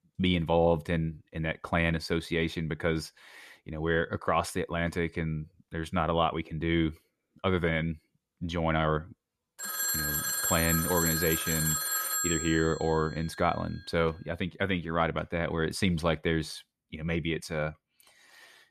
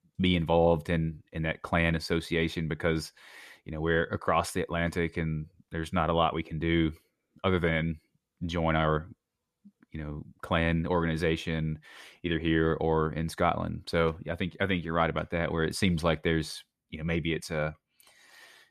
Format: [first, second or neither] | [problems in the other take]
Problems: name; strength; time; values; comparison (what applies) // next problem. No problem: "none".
second | phone ringing; loud; from 9.5 to 13 s; peak 3 dB above the speech